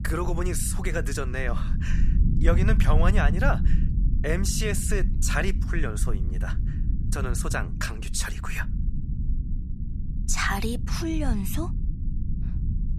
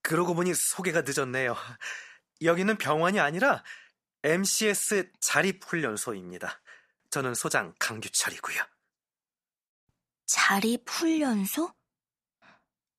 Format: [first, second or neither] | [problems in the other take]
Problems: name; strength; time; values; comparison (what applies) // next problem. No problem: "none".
second | low rumble; noticeable; throughout; 10 dB below the speech